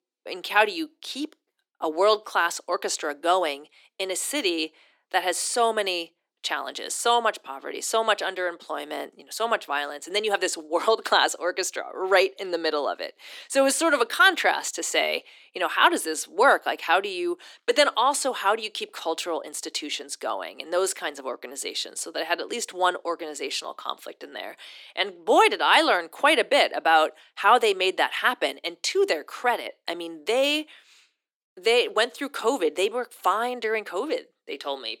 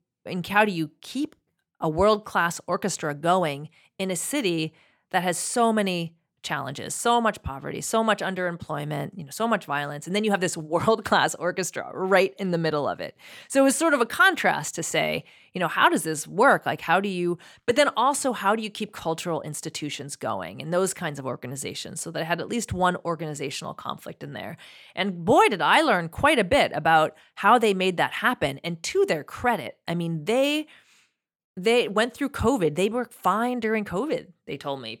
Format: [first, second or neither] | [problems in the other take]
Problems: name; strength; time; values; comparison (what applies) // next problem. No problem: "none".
second | thin; somewhat; fading below 300 Hz